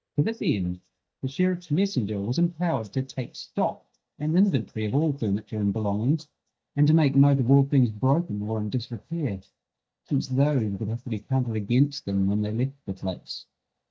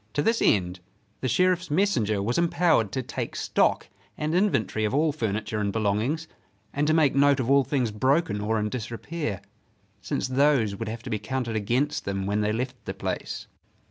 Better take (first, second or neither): second